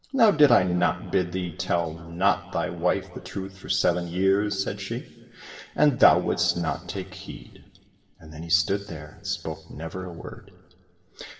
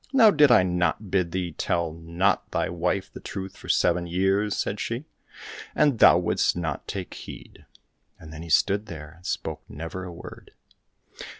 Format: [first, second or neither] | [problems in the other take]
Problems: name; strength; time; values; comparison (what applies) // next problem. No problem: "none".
second | room echo; dies away in 1.6 s